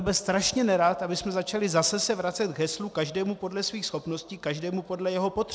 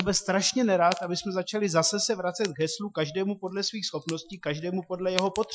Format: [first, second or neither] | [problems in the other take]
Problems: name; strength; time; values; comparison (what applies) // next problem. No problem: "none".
first | noise reduction (classical method Wiener filter)